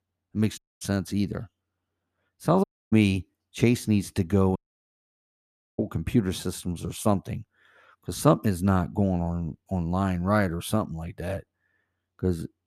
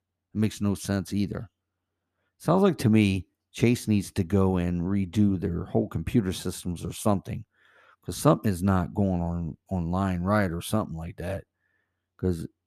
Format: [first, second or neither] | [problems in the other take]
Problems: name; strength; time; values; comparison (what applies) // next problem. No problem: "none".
second | audio cutting out; at 0.5 s, at 2.5 s and at 4.5 s for 1 s